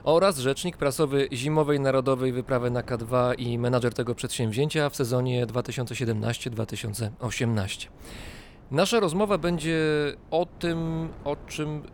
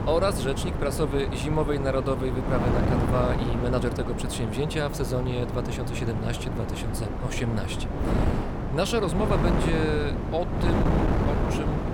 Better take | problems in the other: first | wind noise on the microphone; heavy; 2 dB below the speech; occasional gusts in the first

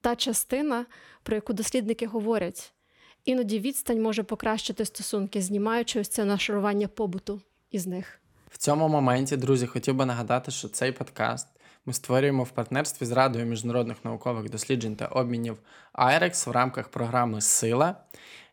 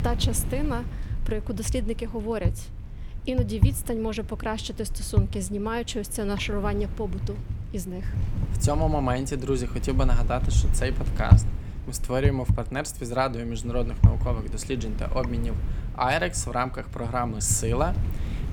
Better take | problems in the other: first | wind noise on the microphone; occasional gusts; 15 dB below the speech

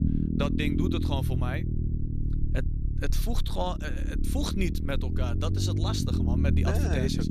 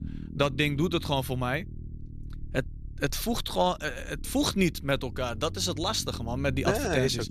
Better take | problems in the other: second | low rumble; loud; throughout; 4 dB below the speech; faint in the second

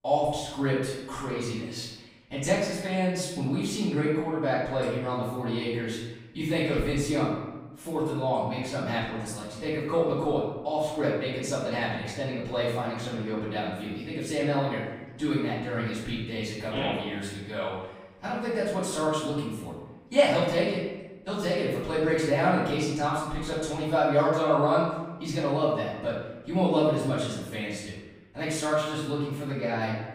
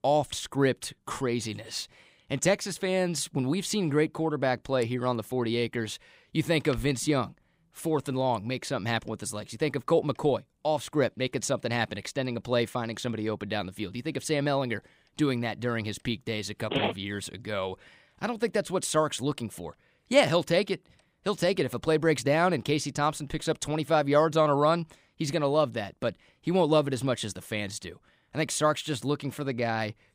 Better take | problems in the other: second | off-mic speech; far // room echo; strong; dies away in 1 s

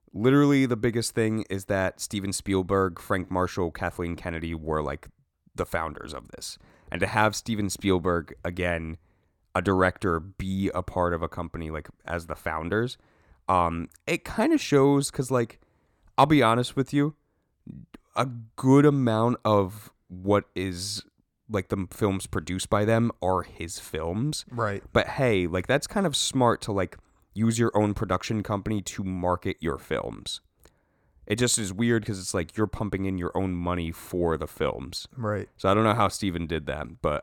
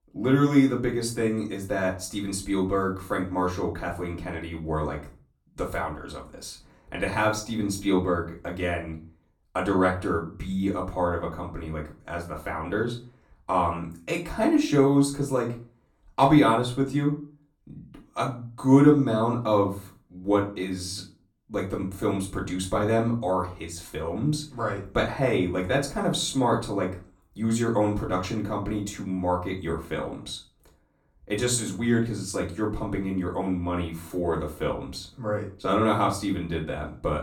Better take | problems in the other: first | off-mic speech; far // room echo; very slight; dies away in 0.3 s

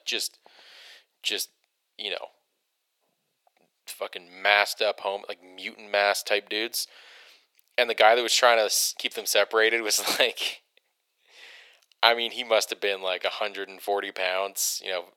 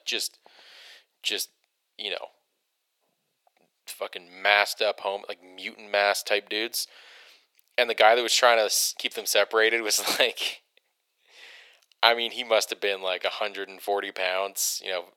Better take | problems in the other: neither | thin; very; fading below 450 Hz; the same in both

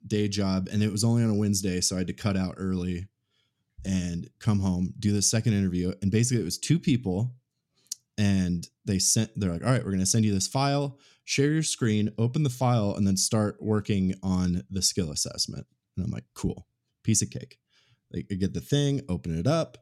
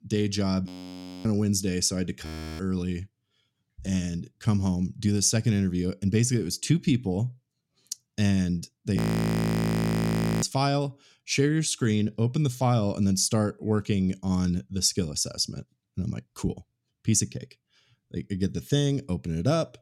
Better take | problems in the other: first | audio freezing; at 0.5 s for 0.5 s, at 2.5 s and at 9 s for 1.5 s

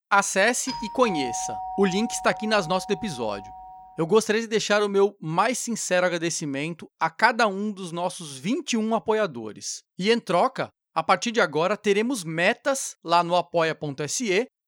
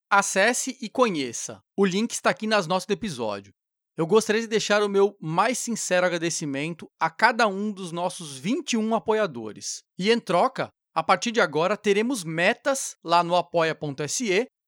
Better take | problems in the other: second | doorbell; noticeable; from 0.5 to 4 s; peak 7 dB below the speech

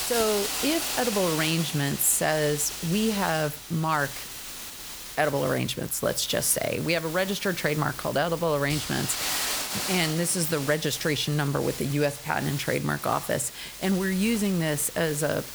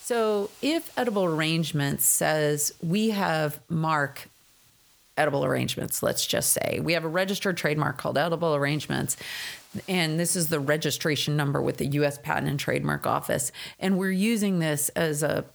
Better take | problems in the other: second | hiss; loud; throughout; 7 dB below the speech; faint in the second

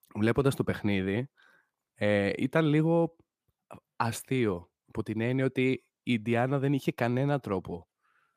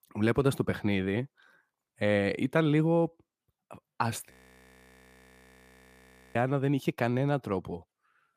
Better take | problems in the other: first | audio freezing; at 4.5 s for 2 s

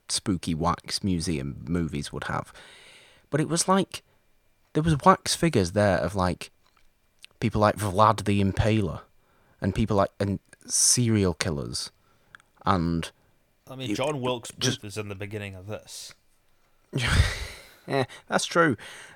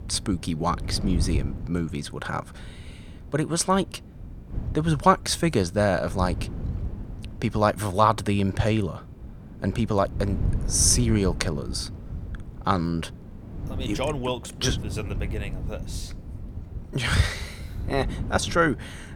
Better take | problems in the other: first | wind noise on the microphone; occasional gusts; 20 dB below the speech

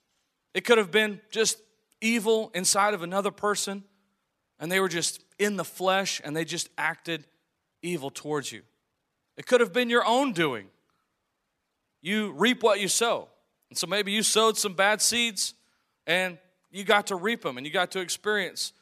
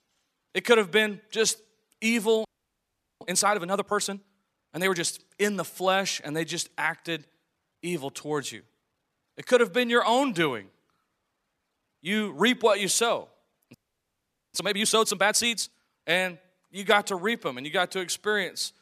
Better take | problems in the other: first | audio freezing; at 2.5 s for 1 s and at 14 s for 1 s

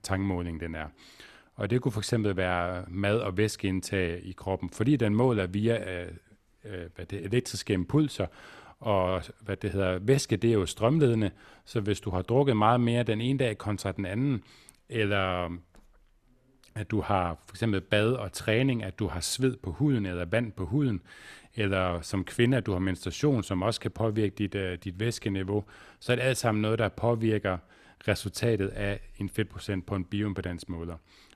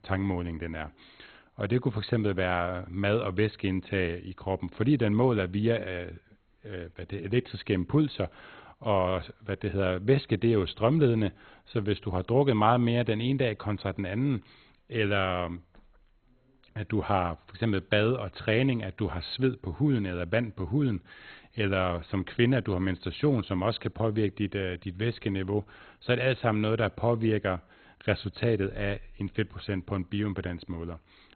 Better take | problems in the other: first | garbled, watery; badly; nothing above 4 kHz

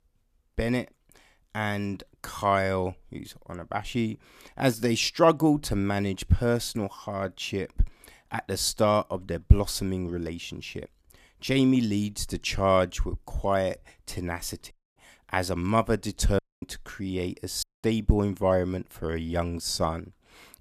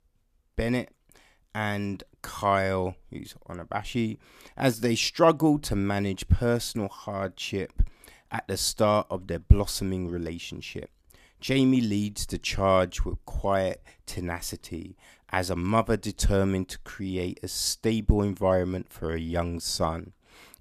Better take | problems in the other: second | audio cutting out; at 15 s, at 16 s and at 18 s

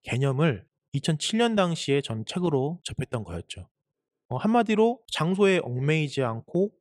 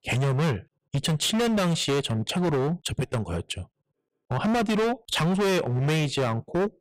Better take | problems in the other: first | distortion; heavy; 25% of the sound clipped

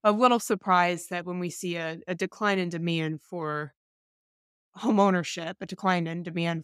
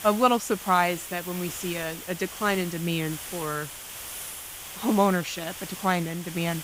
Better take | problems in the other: first | hiss; loud; throughout; 9 dB below the speech

